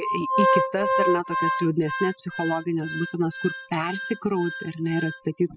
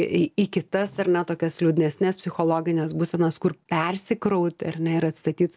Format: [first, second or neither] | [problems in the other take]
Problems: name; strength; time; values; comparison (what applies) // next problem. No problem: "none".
second | noise reduction (classical method spectral subtraction)